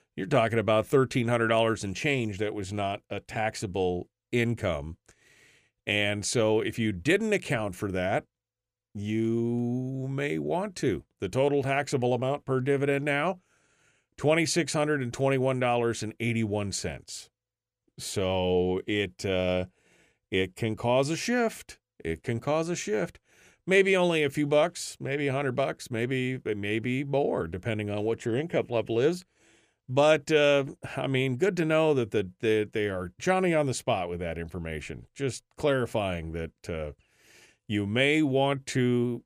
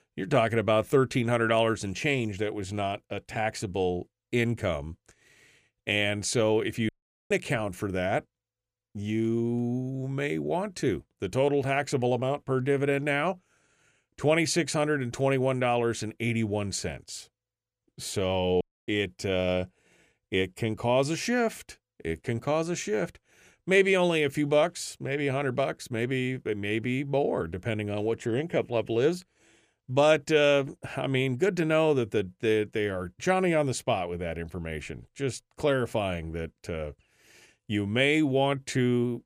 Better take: first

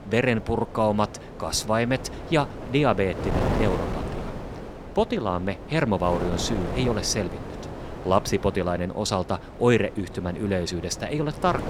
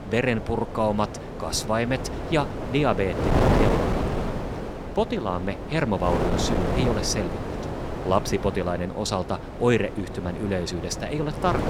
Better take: first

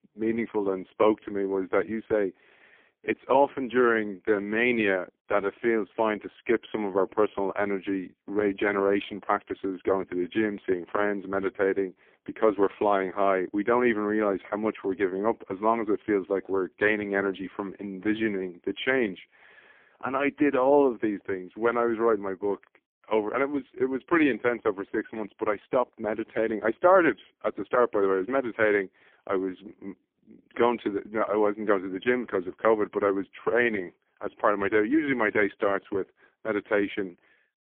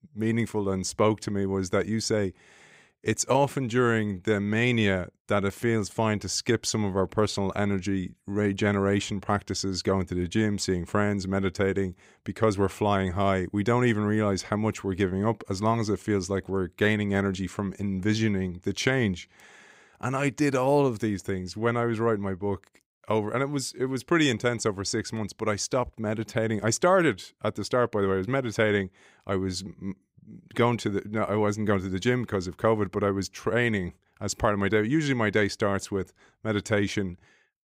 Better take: second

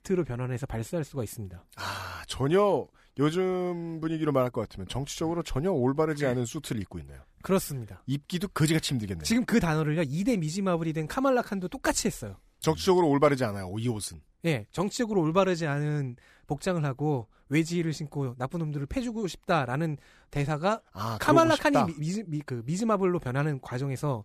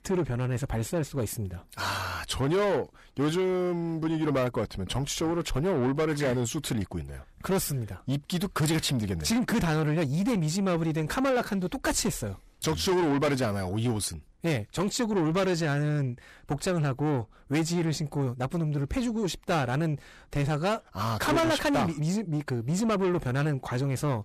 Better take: first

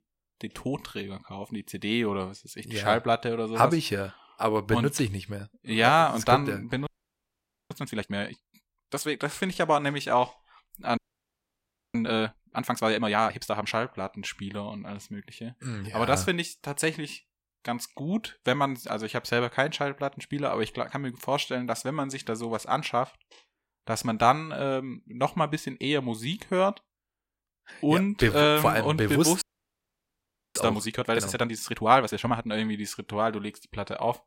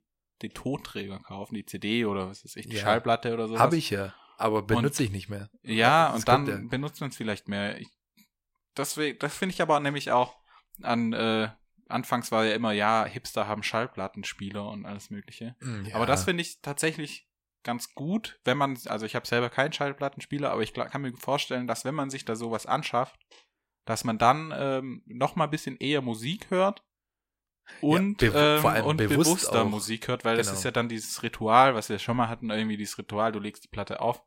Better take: second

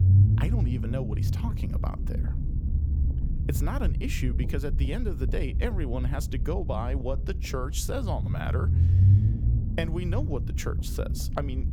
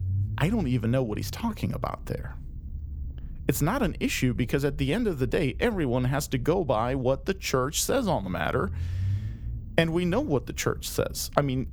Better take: second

